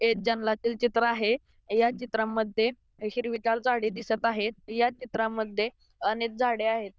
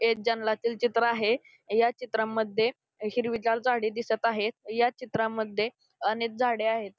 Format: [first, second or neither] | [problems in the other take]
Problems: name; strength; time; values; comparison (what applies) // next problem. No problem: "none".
second | noise reduction (neural diffusion model UNIVERSE++)